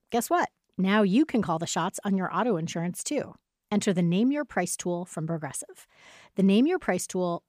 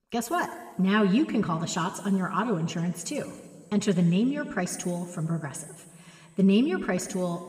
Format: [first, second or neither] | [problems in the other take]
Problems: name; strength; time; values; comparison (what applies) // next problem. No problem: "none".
first | room echo; slight; dies away in 2.3 s